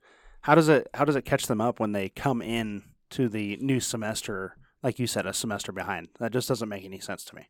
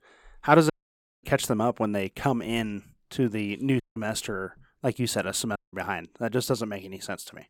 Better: first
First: none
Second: audio cutting out; at 0.5 s for 0.5 s, at 4 s and at 5.5 s

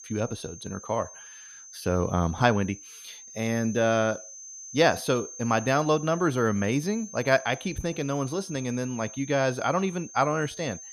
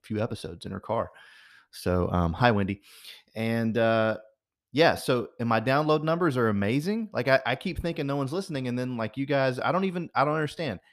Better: second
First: high-pitched whine; noticeable; throughout; 6.5 kHz, 15 dB below the speech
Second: none

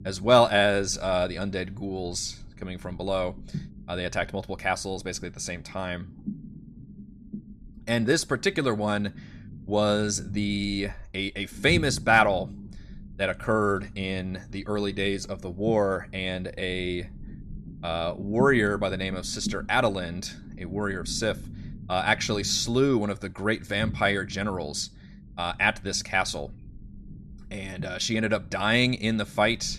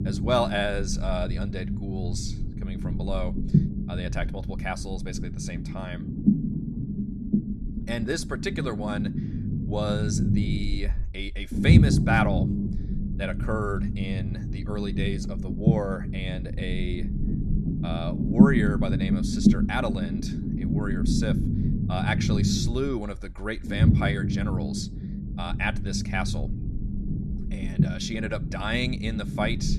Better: first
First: low rumble; faint; throughout; 25 dB below the speech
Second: low rumble; loud; throughout; 4 dB below the speech

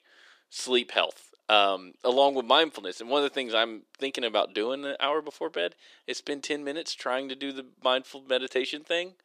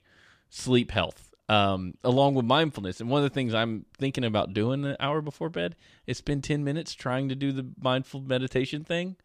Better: second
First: thin; somewhat; fading below 350 Hz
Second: none

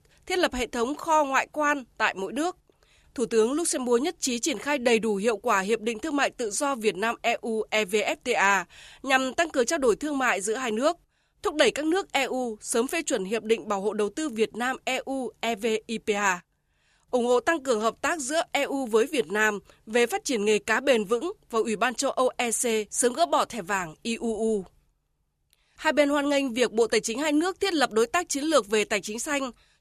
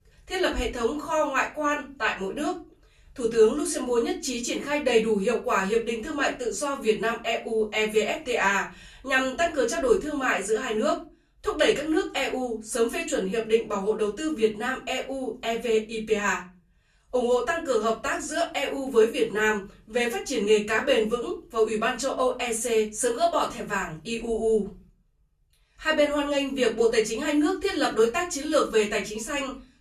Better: first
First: none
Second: off-mic speech; far // room echo; slight; dies away in 0.4 s

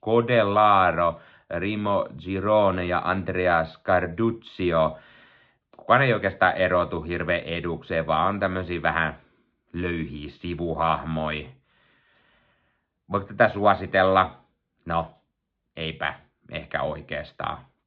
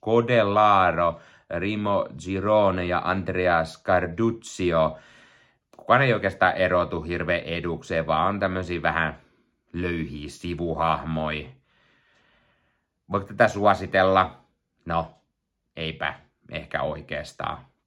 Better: second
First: muffled; very slightly; fading above 3.5 kHz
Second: none

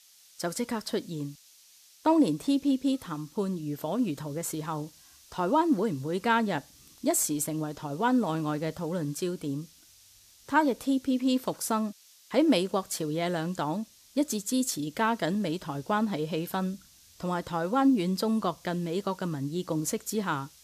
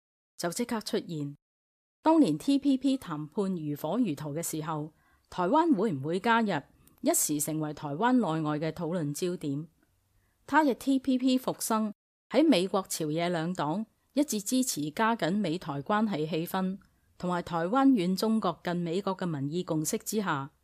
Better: second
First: hiss; faint; throughout; 25 dB below the speech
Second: none

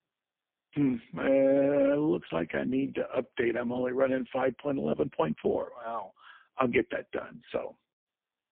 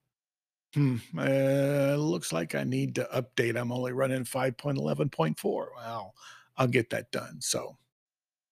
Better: second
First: phone-call audio; poor line; nothing above 3 kHz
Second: none

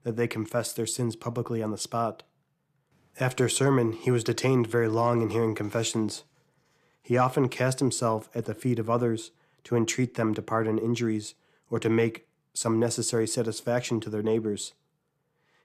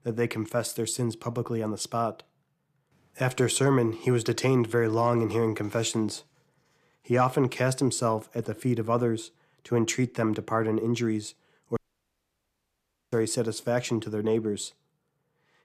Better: first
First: none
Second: audio cutting out; at 12 s for 1.5 s

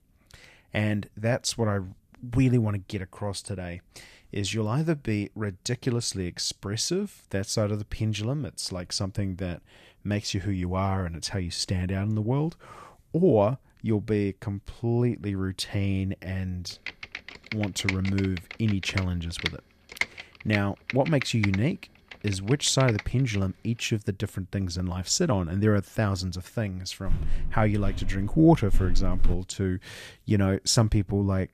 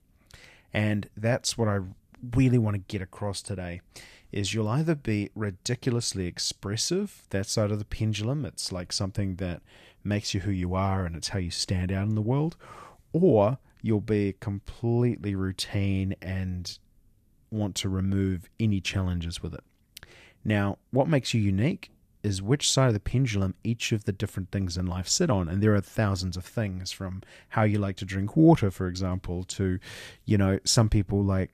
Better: second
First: keyboard typing; noticeable; from 17 to 23 s; peak 3 dB below the speech // footsteps; noticeable; from 27 to 29 s; peak 3 dB below the speech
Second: none

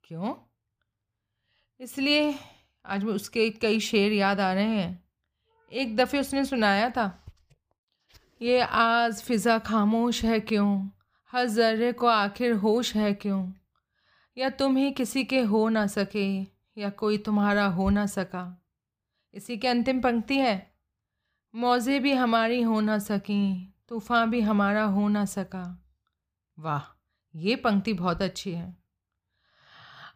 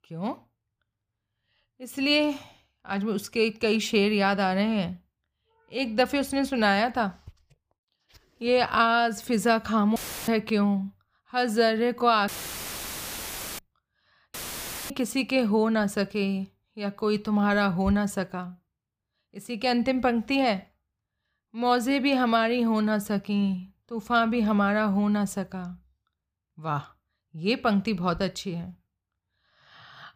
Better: first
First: none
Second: audio cutting out; filled with static; at 10 s, at 12 s for 1.5 s and at 14 s for 0.5 s

